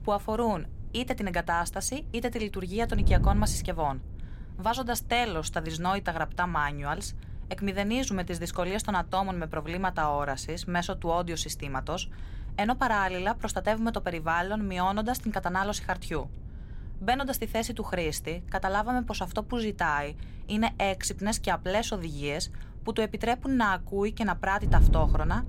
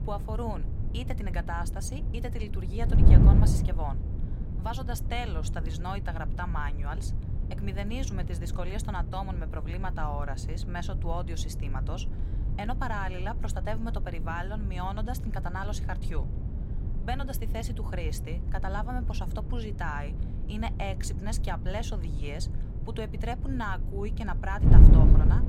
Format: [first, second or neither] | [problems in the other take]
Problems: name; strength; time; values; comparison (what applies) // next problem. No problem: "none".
first | wind noise on the microphone; heavy; 5 dB below the speech; occasional gusts in the first